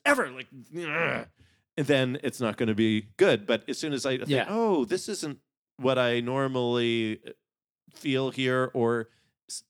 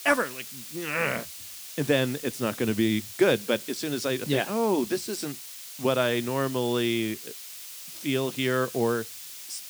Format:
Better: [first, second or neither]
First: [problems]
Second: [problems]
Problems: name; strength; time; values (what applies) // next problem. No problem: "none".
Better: first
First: none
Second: hiss; noticeable; throughout; 10 dB below the speech